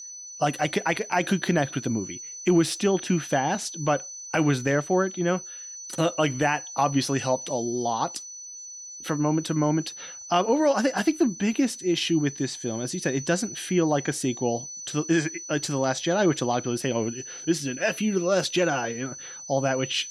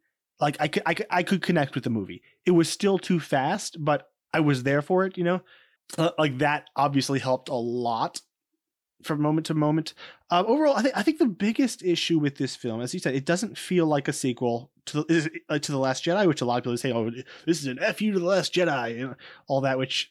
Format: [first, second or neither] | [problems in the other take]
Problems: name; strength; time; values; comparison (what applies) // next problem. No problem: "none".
second | high-pitched whine; noticeable; throughout; 6 kHz, 10 dB below the speech